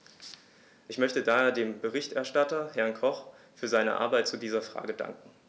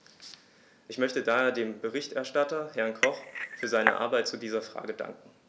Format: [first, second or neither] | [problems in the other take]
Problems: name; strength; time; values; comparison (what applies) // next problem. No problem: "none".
first | background sound (Cutlery, silverware / Dishes, pots, and pans / Chink, clink); as loud as the speech